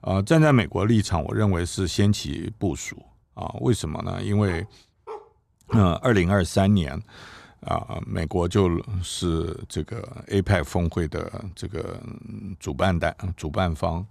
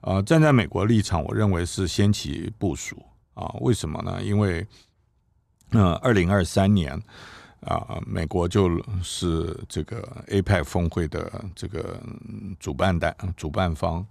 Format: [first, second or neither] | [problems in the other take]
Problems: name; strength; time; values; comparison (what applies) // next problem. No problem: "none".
second | dog barking; faint; from 4.5 to 6 s; peak 15 dB below the speech